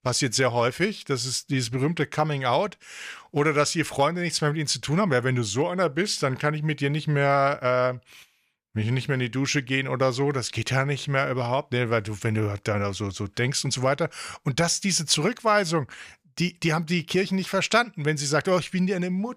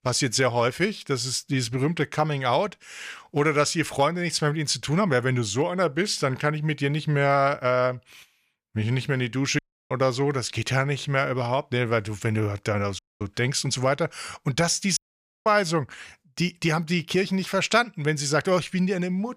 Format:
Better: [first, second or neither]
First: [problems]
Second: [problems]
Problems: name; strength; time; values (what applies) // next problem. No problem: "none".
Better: first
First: none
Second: audio cutting out; at 9.5 s, at 13 s and at 15 s